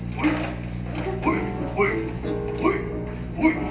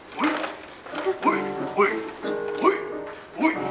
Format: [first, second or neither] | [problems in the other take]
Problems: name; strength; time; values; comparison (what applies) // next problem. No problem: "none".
second | background sound (Drill); 5 dB below the speech // room echo; dies away in 0.3 s